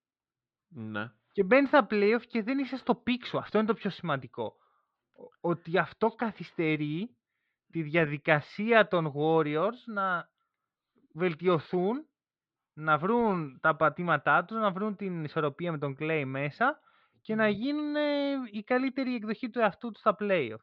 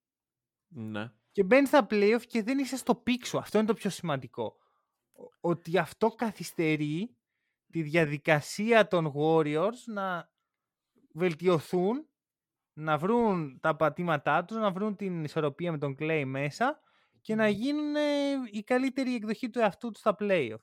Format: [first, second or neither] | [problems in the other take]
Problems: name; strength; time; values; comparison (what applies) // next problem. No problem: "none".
second | muffled; very slightly; fading above 4 kHz